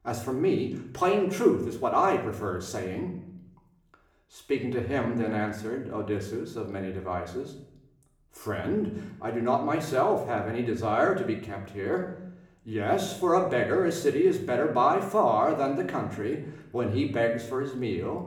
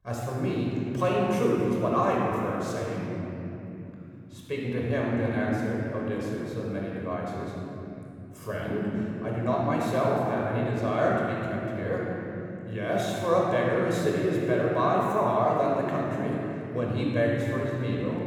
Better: first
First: room echo; slight; dies away in 0.6 s // off-mic speech; far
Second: room echo; strong; dies away in 3 s // off-mic speech; far

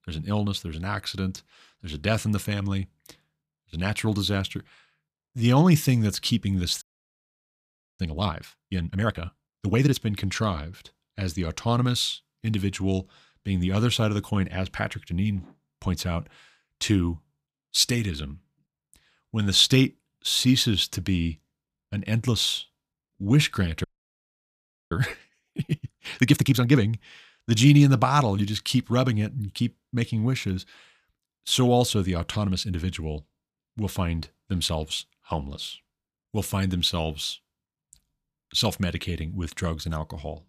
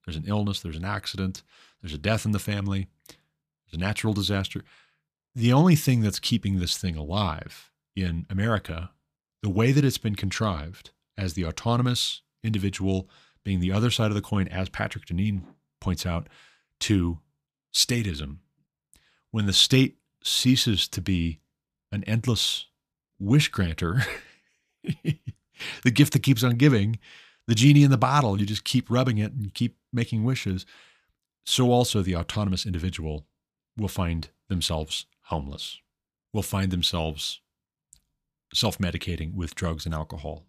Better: second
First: audio freezing; at 7 s for 1 s and at 24 s for 1 s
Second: none

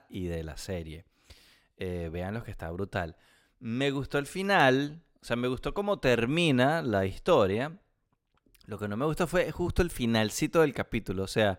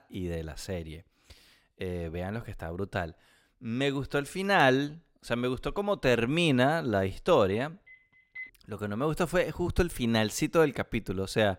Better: first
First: none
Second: phone ringing; faint; at 8 s; peak 15 dB below the speech

